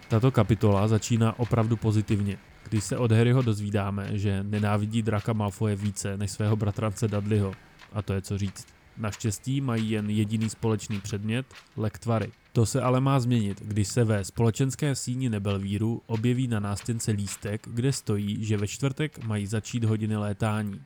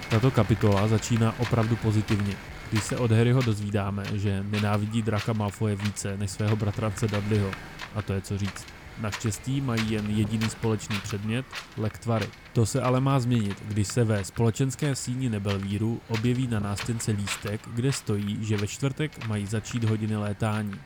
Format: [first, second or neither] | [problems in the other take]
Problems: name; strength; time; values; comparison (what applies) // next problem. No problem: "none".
first | wind noise on the microphone; heavy; 6 dB below the speech; occasional gusts in the first